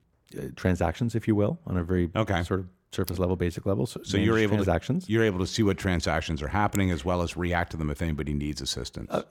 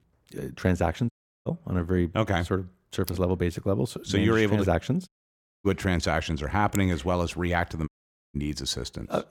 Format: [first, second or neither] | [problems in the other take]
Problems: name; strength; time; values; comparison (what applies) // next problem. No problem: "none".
first | audio cutting out; at 1 s, at 5 s for 0.5 s and at 8 s